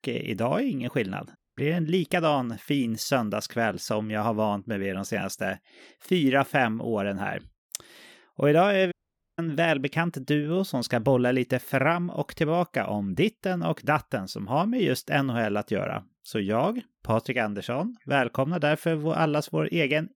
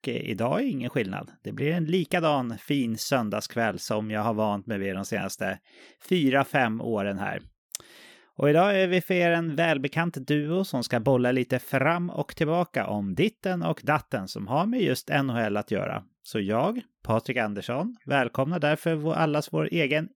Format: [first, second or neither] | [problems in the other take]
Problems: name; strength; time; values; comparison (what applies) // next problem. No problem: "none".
second | audio cutting out; at 1.5 s and at 9 s